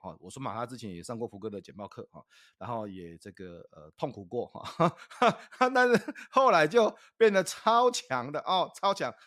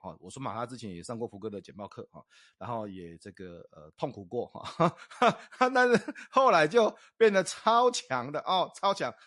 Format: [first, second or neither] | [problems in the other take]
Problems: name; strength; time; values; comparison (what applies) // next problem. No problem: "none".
first | garbled, watery; slightly